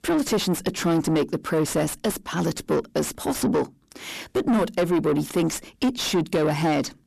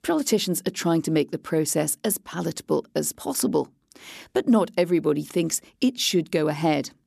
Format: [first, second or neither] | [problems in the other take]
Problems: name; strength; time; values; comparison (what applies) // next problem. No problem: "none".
second | distortion; heavy; 7 dB below the speech